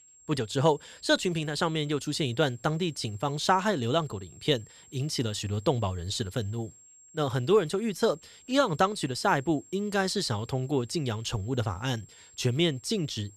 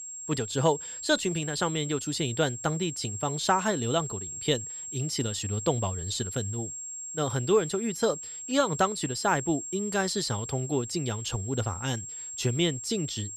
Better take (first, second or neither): first